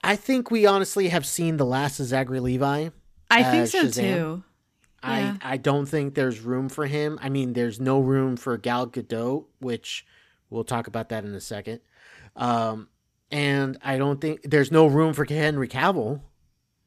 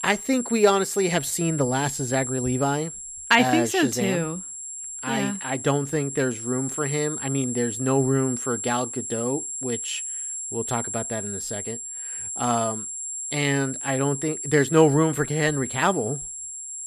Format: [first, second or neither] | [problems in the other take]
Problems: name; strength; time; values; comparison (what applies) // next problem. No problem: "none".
first | high-pitched whine; loud; throughout; 7.5 kHz, 6 dB below the speech